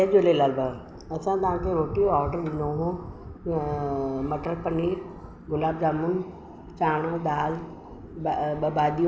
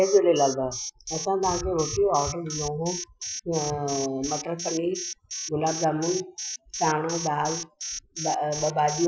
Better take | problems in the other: first | noise reduction (classical method Wiener filter)

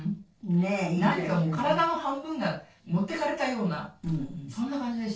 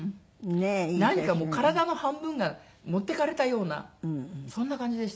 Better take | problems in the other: second | noise reduction (neural separator model SepFormer DNS4)

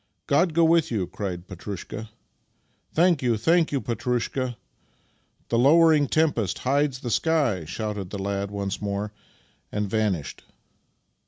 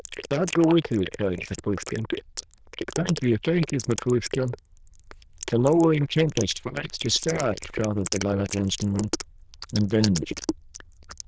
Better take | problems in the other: first | noise reduction (neural diffusion model UNIVERSE++)

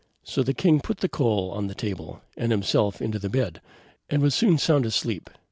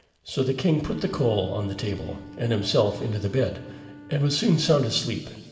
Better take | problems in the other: first | background sound (Wind instrument, woodwind instrument); 20 dB below the speech // room echo; dies away in 2.5 s

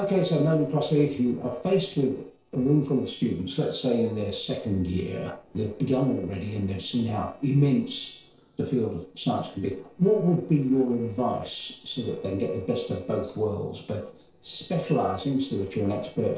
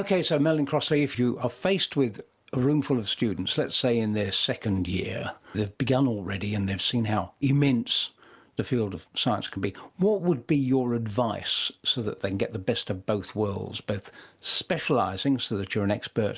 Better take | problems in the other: second | noise reduction (neural separator model SepFormer DNS4)

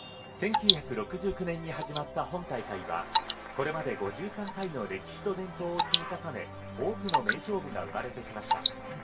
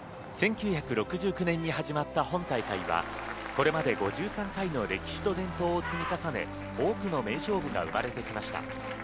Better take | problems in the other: second | background sound (Drip / Water); as loud as the speech // room echo; dies away in 0.2 s

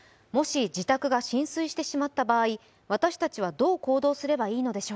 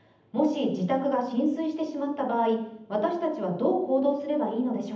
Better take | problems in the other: first | room echo; dies away in 0.8 s

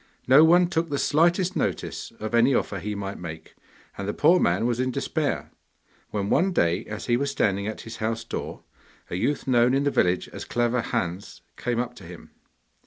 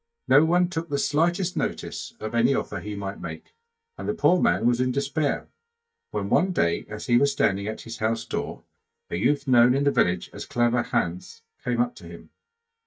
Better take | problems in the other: first | noise reduction (neural mask model DeepFilterNet 3)

